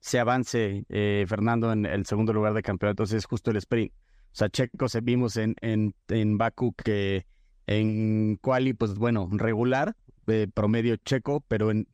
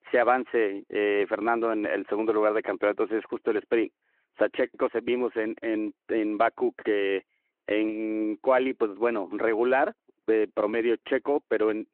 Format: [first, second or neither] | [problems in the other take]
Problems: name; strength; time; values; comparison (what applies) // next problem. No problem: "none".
first | phone-call audio